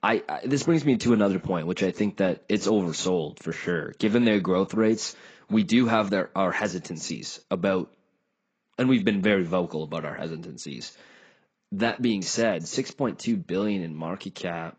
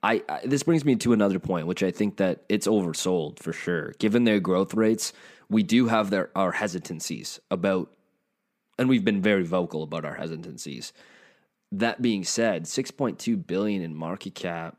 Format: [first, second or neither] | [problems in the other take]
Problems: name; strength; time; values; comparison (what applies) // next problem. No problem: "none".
second | garbled, watery; badly; nothing above 7.5 kHz